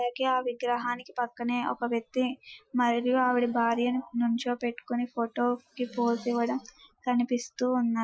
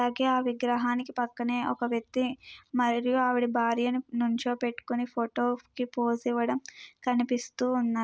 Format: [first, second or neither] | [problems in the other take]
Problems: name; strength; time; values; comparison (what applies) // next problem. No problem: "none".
second | noise reduction (classical method Wiener filter)